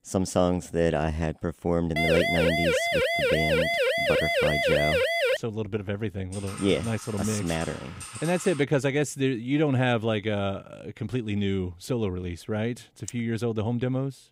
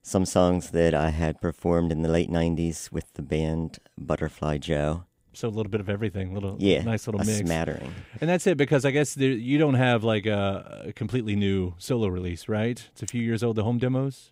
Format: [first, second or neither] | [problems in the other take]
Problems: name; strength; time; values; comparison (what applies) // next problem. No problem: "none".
second | siren; loud; from 2 to 5.5 s; peak 5 dB above the speech // keyboard typing; noticeable; from 6.5 to 8.5 s; peak 10 dB below the speech